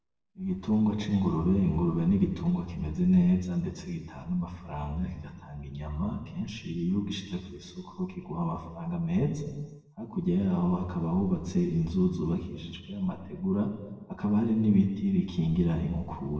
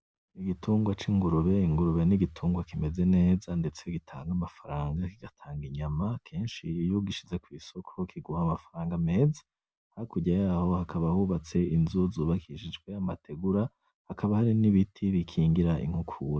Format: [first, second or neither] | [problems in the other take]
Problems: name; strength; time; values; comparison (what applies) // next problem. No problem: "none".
second | room echo; dies away in 1.1 s